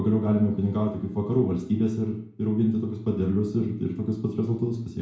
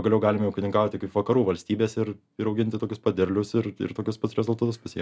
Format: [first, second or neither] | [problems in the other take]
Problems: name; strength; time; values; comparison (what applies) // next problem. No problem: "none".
second | room echo; dies away in 0.6 s